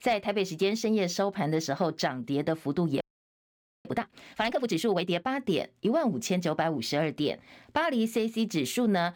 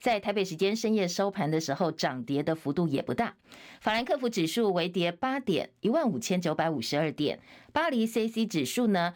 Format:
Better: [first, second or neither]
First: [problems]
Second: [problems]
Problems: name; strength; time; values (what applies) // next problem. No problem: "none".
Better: second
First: audio freezing; at 3 s for 1 s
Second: none